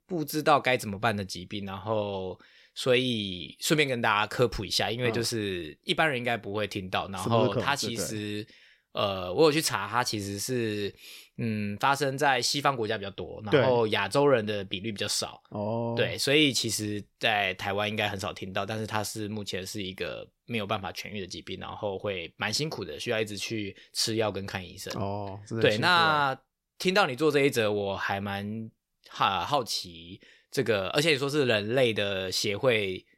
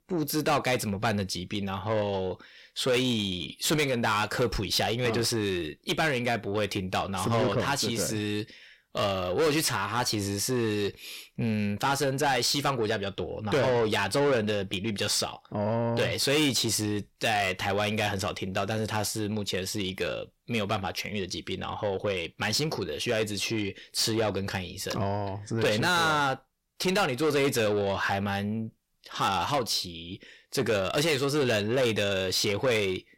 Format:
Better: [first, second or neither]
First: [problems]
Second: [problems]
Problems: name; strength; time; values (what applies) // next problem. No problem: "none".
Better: first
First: none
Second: distortion; heavy; 7 dB below the speech